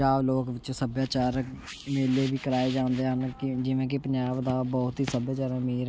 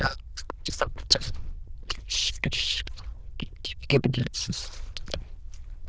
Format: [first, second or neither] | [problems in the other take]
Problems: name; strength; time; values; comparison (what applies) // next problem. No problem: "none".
first | noise reduction (neural diffusion model UNIVERSE++)